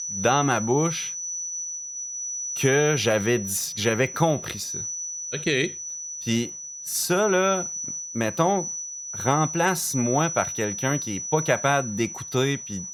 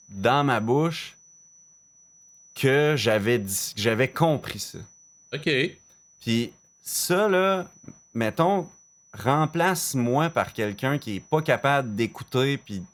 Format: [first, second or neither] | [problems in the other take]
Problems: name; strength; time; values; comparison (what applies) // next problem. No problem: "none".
second | high-pitched whine; loud; throughout; 6 kHz, 6 dB below the speech; faint in the second